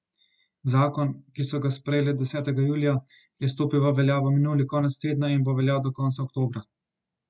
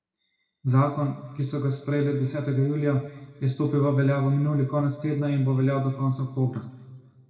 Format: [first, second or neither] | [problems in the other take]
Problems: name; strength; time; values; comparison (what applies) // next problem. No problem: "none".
first | room echo; dies away in 1.4 s